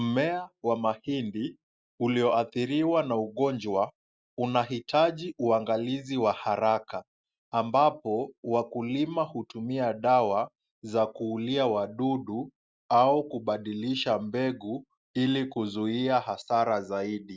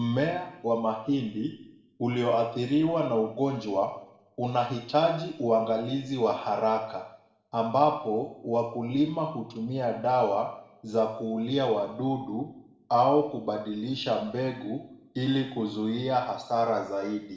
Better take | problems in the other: first | room echo; dies away in 0.7 s

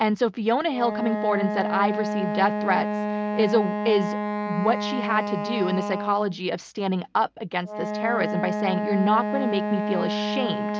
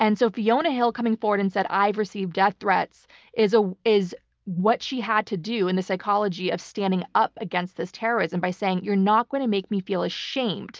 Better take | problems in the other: second | background sound (Wind instrument, woodwind instrument); 3 dB below the speech

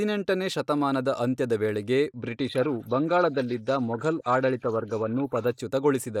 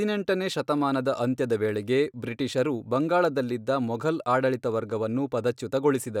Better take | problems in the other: second | noise reduction (neural mask model Resemble Enhance denoiser)

